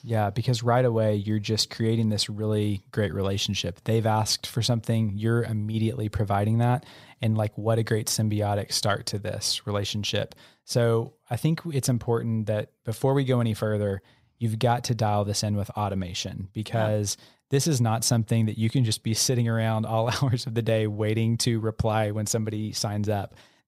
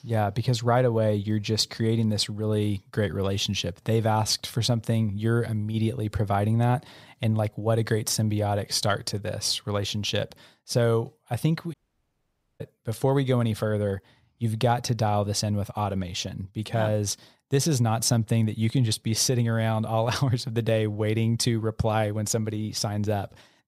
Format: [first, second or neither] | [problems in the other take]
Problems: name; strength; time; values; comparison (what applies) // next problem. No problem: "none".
first | audio cutting out; at 12 s for 1 s